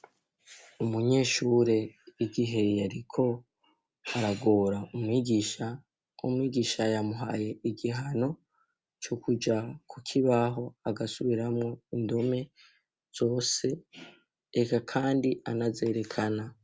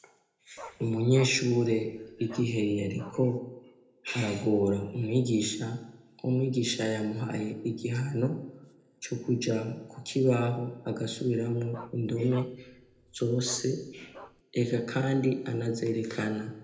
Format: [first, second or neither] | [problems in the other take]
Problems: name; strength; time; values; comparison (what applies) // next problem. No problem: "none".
first | background sound (Bark); 20 dB below the speech // room echo; dies away in 0.7 s